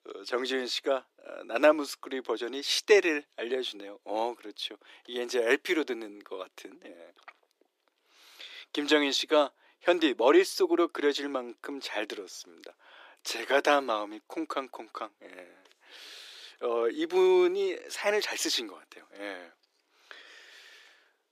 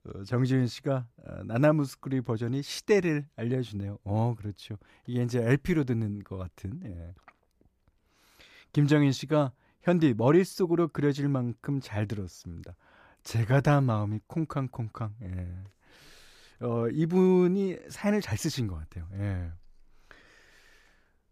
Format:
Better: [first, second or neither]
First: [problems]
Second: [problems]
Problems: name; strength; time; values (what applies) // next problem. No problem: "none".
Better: second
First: thin; very; fading below 350 Hz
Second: none